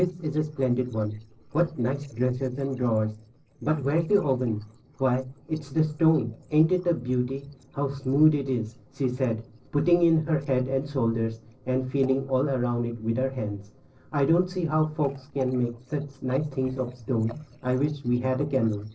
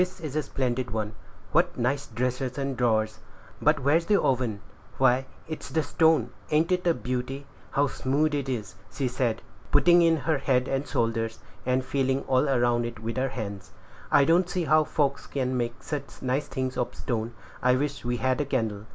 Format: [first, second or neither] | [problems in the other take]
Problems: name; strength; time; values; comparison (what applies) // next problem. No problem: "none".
second | noise reduction (neural separator model SepFormer DNS4)